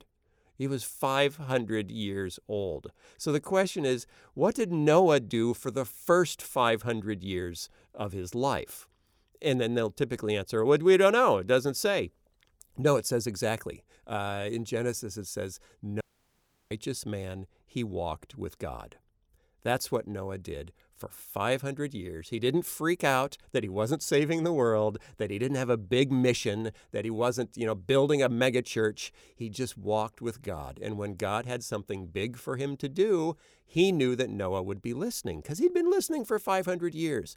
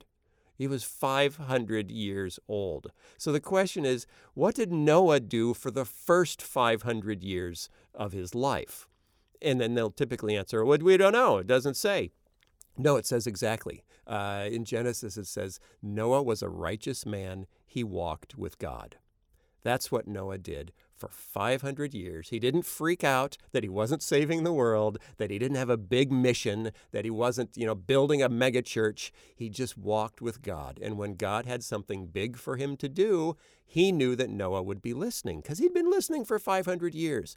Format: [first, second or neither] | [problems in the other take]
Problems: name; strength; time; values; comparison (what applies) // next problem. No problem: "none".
second | audio cutting out; at 16 s for 0.5 s